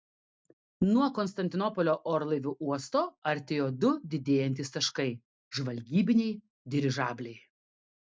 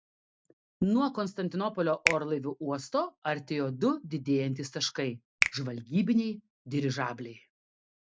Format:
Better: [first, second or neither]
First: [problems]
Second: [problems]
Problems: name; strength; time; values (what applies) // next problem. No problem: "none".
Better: first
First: none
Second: background sound (Finger snapping); 5 dB below the speech